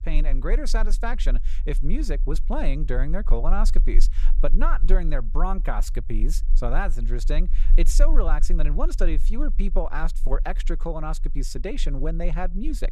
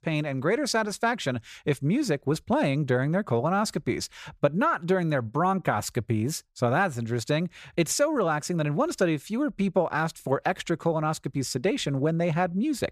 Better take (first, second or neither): second